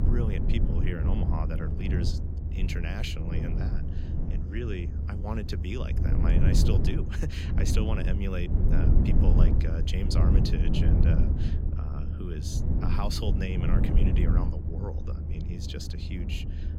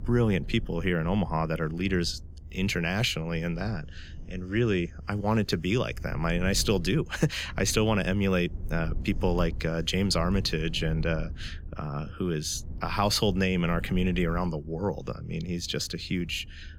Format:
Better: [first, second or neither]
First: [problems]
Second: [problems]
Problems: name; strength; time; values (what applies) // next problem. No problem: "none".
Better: second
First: low rumble; loud; throughout; 1 dB below the speech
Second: low rumble; faint; throughout; 25 dB below the speech